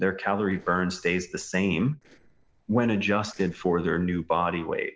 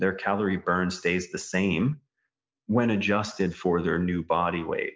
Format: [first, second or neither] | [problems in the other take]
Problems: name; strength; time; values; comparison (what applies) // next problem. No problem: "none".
second | noise reduction (neural separator model SepFormer DNS4)